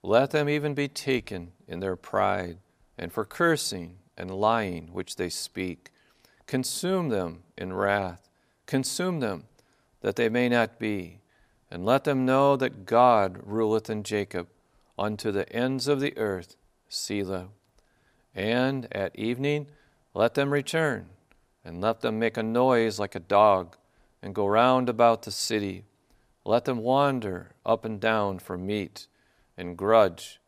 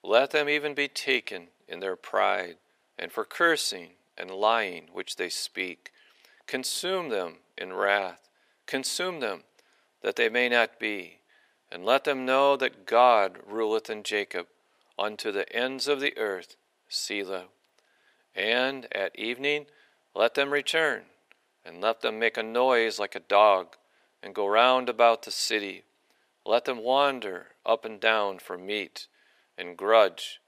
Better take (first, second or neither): first